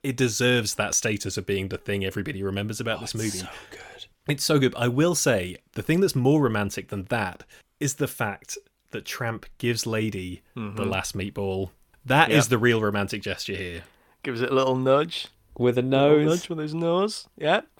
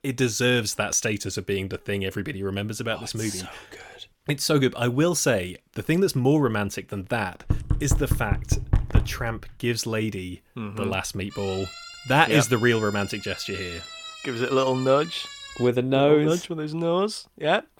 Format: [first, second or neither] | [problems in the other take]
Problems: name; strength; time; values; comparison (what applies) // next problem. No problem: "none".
first | door banging; loud; from 7.5 to 9 s; peak 1 dB above the speech // siren; faint; from 11 to 16 s; peak 10 dB below the speech